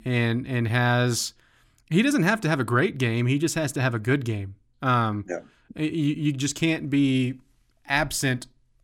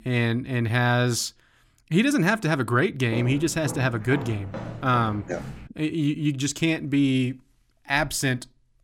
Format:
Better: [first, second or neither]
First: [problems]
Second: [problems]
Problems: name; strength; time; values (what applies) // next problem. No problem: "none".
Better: first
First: none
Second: footsteps; noticeable; from 3 to 5.5 s; peak 10 dB below the speech